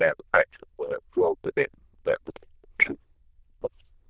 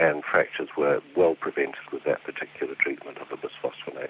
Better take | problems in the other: second | noise reduction (neural diffusion model UNIVERSE++)

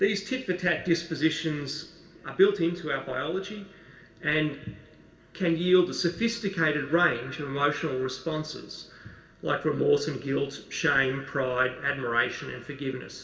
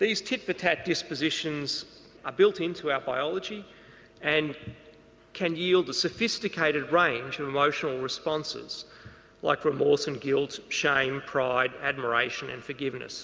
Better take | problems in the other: second | room echo; dies away in 0.4 s

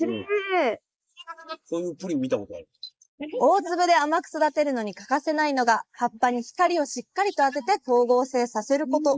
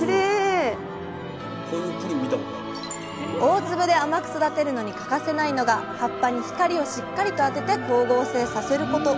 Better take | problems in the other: second | noise reduction (neural mask model Resemble Enhance denoiser)

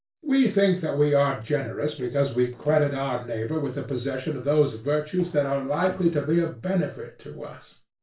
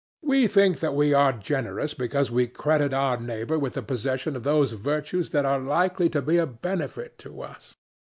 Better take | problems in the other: second | noise reduction (neural separator model SepFormer DNS4)

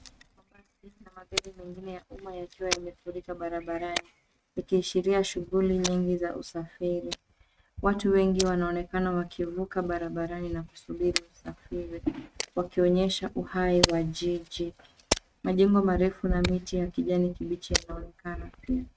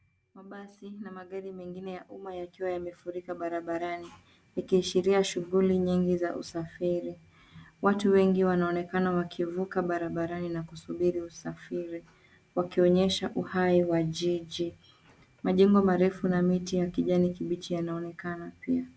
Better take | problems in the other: second | noise reduction (neural mask model RNNoise)

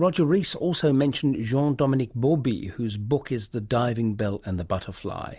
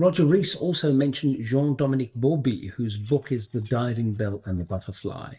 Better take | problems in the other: first | noise reduction (neural mask model DeepFilterNet 3)

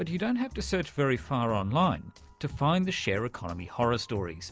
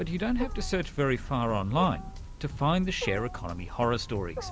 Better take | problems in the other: first | background sound (Wild animals); 9 dB below the speech

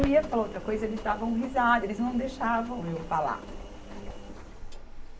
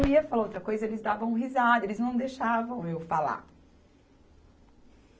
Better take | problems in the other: second | background sound (Engine); 11 dB below the speech

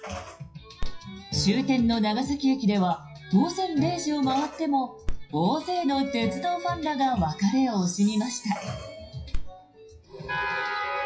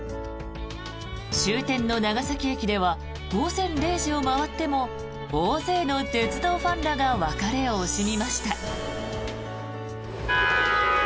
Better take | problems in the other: second | noise reduction (classical method WPE with log-MMSE)

